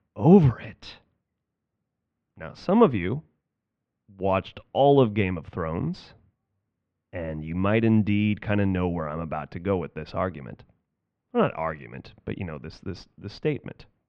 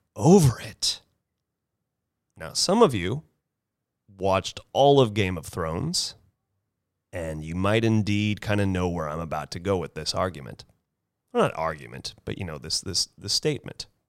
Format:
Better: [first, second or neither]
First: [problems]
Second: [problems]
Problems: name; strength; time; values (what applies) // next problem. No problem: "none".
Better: second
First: muffled; very; fading above 2.5 kHz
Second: none